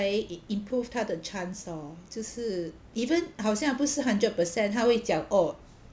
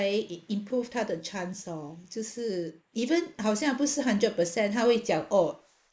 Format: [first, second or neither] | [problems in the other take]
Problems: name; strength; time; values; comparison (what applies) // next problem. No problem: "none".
first | noise reduction (neural mask model Resemble Enhance denoiser)